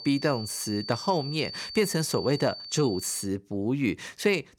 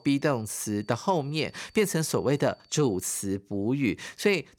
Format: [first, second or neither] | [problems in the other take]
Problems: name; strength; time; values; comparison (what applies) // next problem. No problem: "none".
second | high-pitched whine; loud; until 3.5 s; 4.5 kHz, 9 dB below the speech; faint in the second